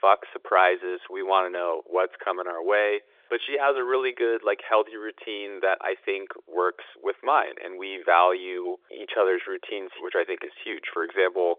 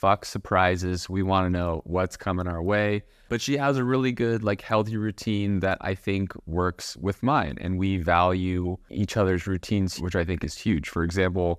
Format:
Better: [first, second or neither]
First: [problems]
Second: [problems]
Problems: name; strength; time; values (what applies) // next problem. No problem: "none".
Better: second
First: phone-call audio; nothing above 3.5 kHz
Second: none